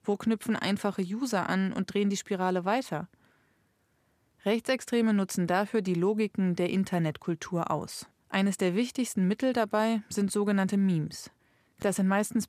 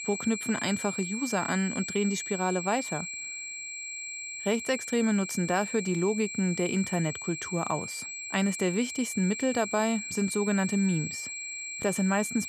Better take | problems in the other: first | high-pitched whine; loud; throughout; 2.5 kHz, 6 dB below the speech

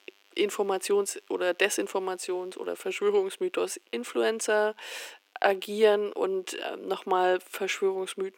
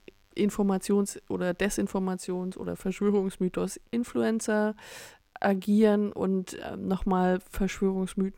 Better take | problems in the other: second | thin; very; fading below 300 Hz

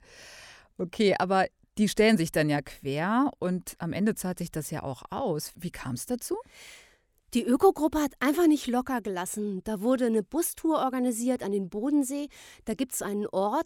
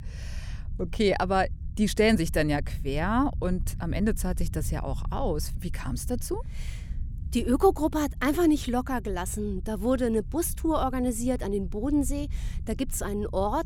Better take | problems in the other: first | low rumble; faint; throughout; 25 dB below the speech

